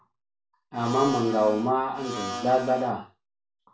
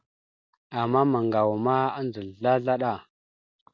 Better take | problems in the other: second | background sound (Domestic sounds, home sounds); 8 dB below the speech // room echo; dies away in 0.3 s

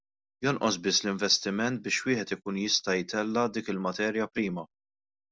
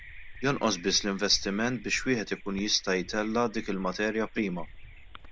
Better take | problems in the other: first | background sound (Cricket + Bird vocalization, bird call, bird song); 13 dB below the speech

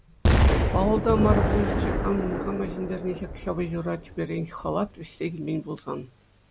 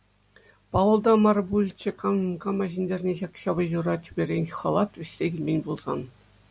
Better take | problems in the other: second | background sound (Explosion); 2 dB above the speech

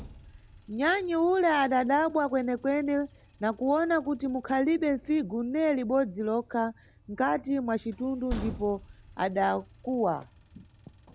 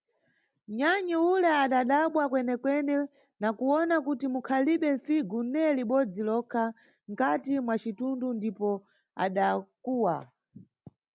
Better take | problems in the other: second | background sound (Train); 19 dB below the speech

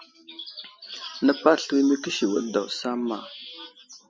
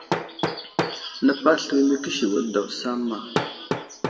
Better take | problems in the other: first | background sound (Hammer); 6 dB below the speech // room echo; dies away in 1.2 s

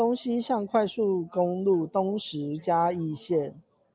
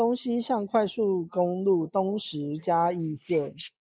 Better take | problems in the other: first | noise reduction (neural mask model Resemble Enhance denoiser)

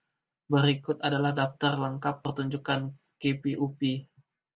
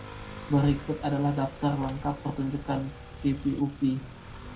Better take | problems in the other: first | background sound (Motorcycle / Accelerating, revving, vroom); 12 dB below the speech // room echo; dies away in 0.2 s

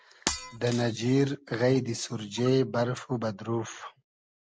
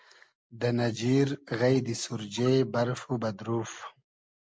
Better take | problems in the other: second | background sound (Shatter); 9 dB below the speech

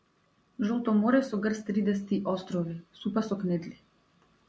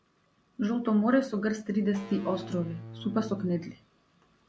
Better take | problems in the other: first | background sound (Electric guitar / Bass guitar); 13 dB below the speech

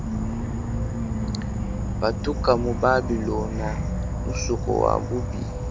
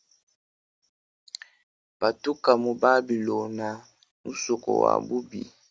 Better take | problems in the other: second | background sound (Insect / Frog); as loud as the speech

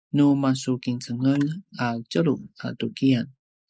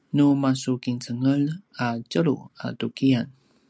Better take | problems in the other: second | noise reduction (neural mask model Resemble Enhance denoiser)

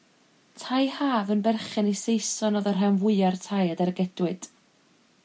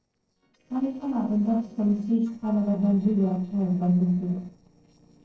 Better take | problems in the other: first | noise reduction (neural separator model SepFormer DNS4)

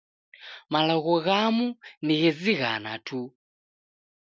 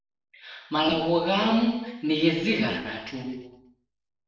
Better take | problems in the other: first | noise reduction (neural separator model SepFormer DNS4)

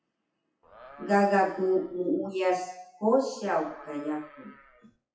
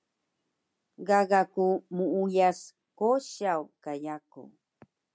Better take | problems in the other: second | noise reduction (classical method WPE with log-MMSE)

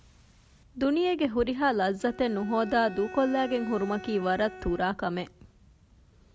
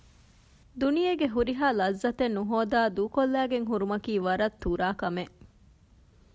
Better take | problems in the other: second | background sound (Bowed string instrument); 15 dB below the speech

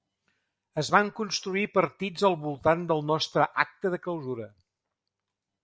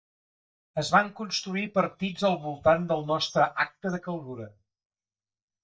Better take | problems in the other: first | noise reduction (neural mask model DeepFilterNet 3)

